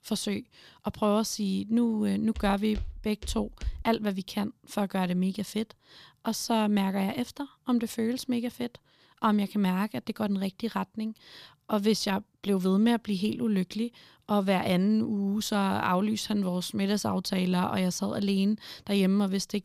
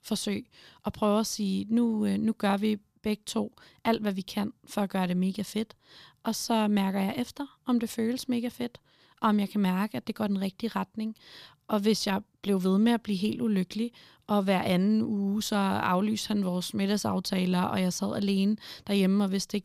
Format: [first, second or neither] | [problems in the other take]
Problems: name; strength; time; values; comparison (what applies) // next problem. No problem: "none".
second | footsteps; faint; from 2.5 to 4 s; peak 10 dB below the speech